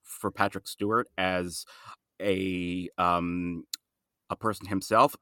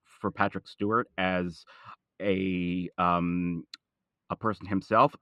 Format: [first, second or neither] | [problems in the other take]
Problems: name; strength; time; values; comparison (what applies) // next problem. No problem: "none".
first | muffled; slightly; fading above 2.5 kHz